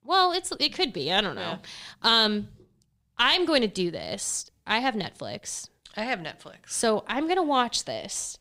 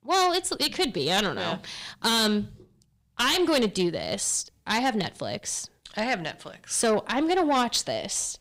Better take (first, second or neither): first